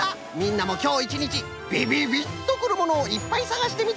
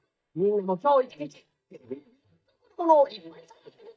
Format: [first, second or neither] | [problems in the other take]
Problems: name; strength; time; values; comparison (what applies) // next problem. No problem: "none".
first | noise reduction (neural mask model DeepFilterNet 3)